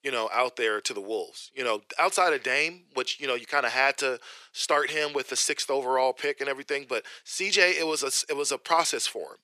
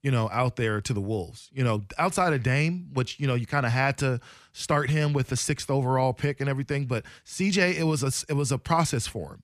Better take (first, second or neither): second